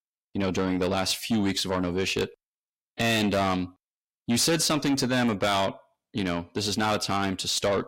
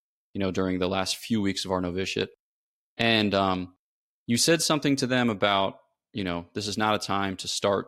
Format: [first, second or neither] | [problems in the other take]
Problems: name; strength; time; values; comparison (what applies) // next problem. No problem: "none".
second | distortion; heavy; 7 dB below the speech